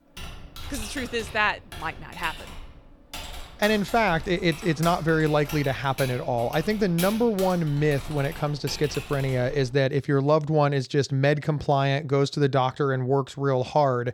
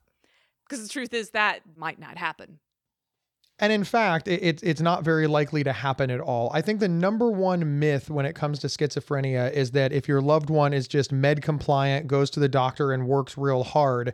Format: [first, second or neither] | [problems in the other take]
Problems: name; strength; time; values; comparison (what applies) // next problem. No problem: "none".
second | keyboard typing; noticeable; until 9.5 s; peak 8 dB below the speech